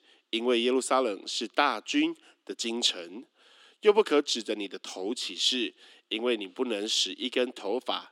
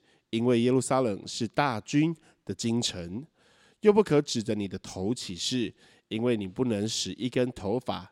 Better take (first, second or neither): second